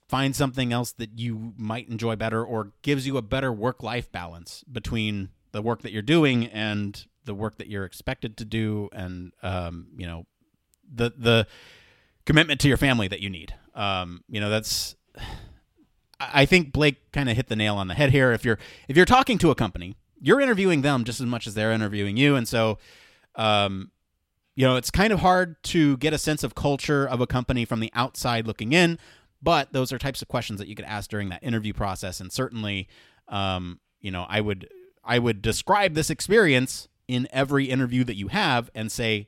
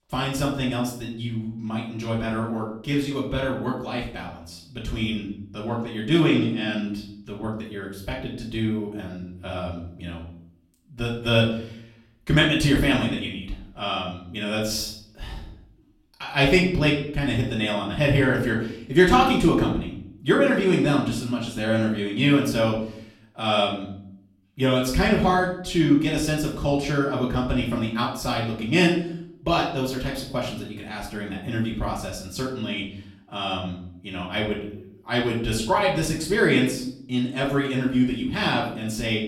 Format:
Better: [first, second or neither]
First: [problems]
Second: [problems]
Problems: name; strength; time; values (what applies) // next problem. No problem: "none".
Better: first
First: none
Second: off-mic speech; far // room echo; slight; dies away in 0.6 s